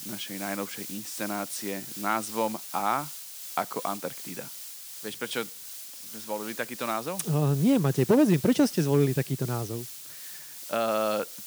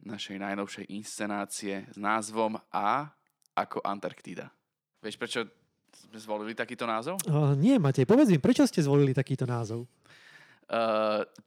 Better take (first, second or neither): second